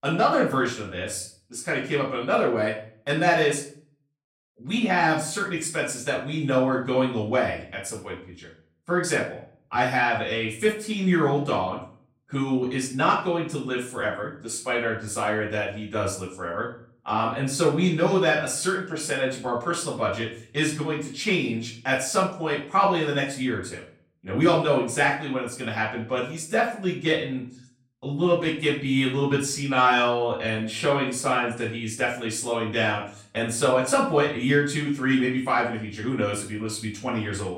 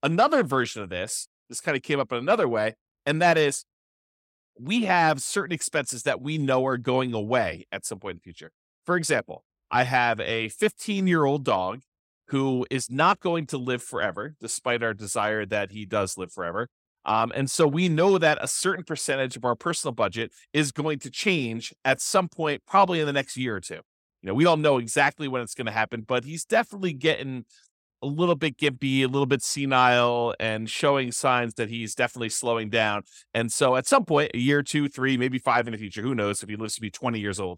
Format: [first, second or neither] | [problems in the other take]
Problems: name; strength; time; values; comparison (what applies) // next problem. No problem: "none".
second | room echo; slight; dies away in 0.4 s // off-mic speech; far